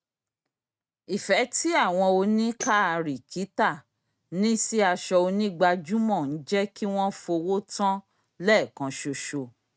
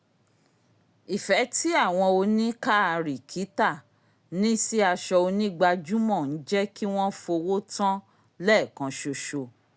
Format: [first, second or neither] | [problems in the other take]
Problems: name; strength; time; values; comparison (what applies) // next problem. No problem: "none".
second | noise reduction (neural mask model RNNoise)